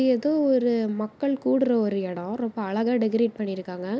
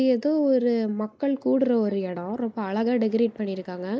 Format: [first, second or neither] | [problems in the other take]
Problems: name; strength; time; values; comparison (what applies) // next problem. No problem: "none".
first | noise reduction (neural mask model Resemble Enhance denoiser)